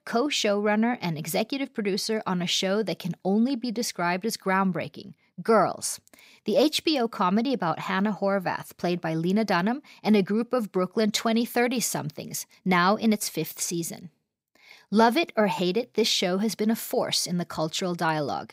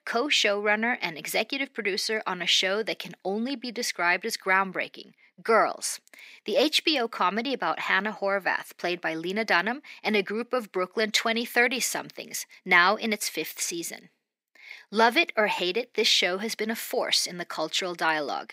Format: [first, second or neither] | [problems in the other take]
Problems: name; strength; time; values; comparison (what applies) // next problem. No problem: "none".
first | thin; somewhat; fading below 250 Hz